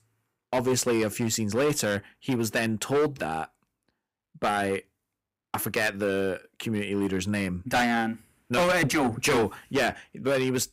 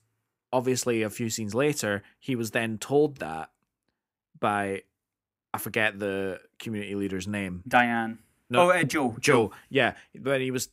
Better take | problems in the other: second | distortion; heavy; 9% of the sound clipped

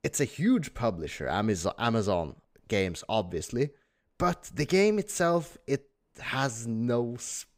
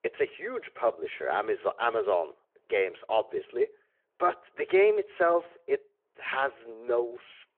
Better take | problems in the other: first | phone-call audio

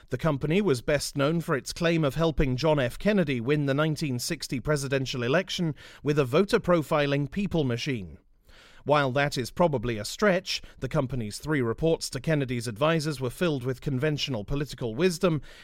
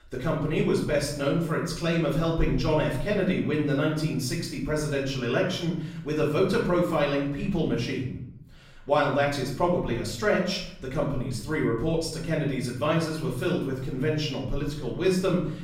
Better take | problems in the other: first | room echo; noticeable; dies away in 0.7 s // off-mic speech; far

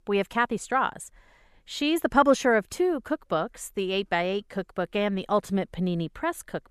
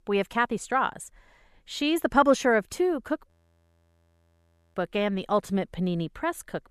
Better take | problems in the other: first | audio freezing; at 3.5 s for 1.5 s

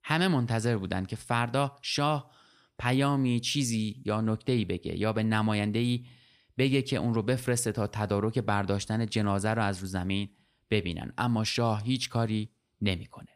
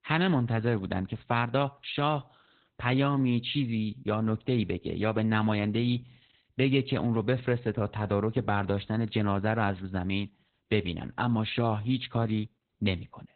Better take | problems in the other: first | garbled, watery; badly; nothing above 4 kHz

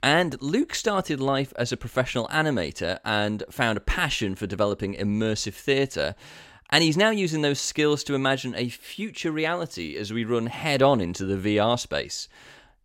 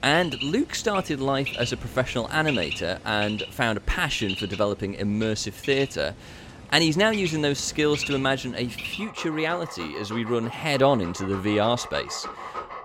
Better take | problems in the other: first | animal sounds; loud; throughout; 10 dB below the speech

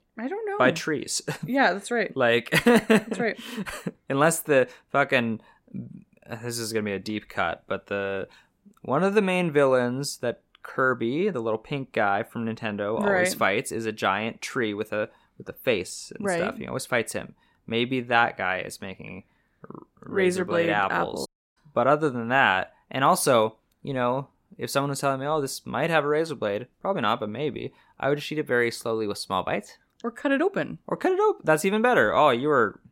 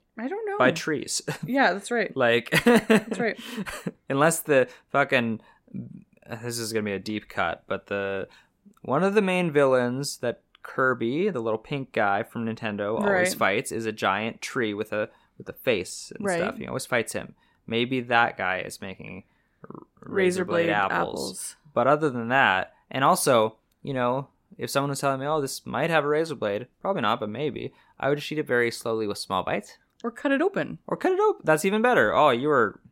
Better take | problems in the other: second | audio cutting out; at 21 s

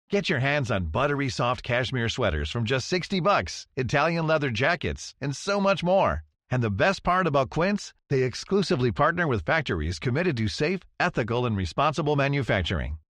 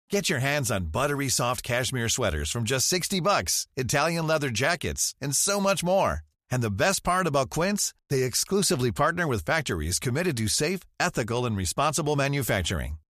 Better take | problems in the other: second | muffled; slightly; fading above 4 kHz

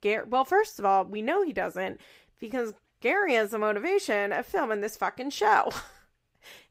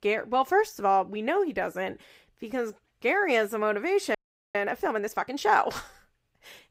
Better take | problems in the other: first | audio freezing; at 4 s

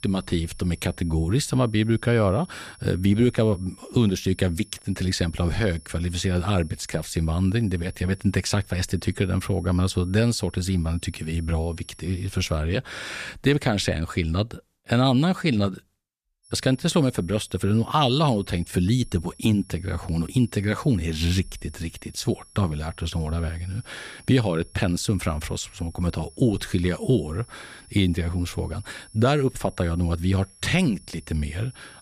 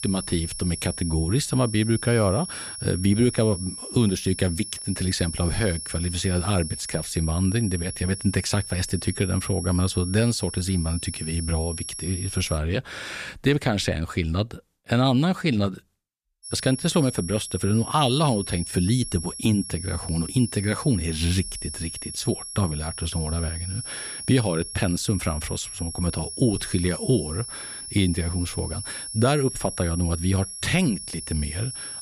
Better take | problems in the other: first | high-pitched whine; loud; until 13 s and from 16 s on; 10.5 kHz, 8 dB below the speech; faint in the first

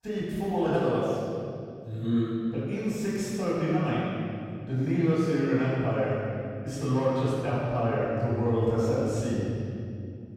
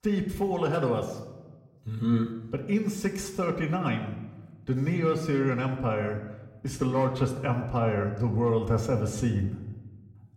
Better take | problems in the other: second | room echo; strong; dies away in 2.3 s; slight in the second // off-mic speech; far; far in the second

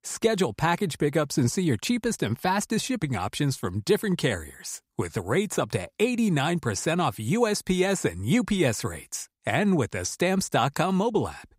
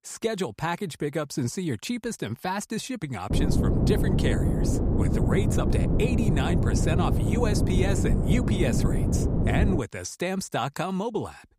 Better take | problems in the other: first | wind noise on the microphone; heavy; from 3.5 to 10 s; 1 dB below the speech

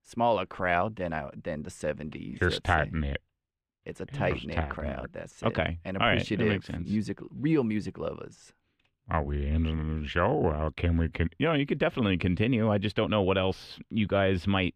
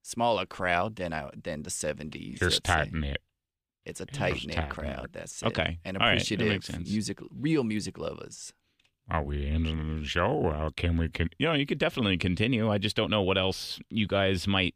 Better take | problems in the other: second | muffled; slightly; fading above 3.5 kHz

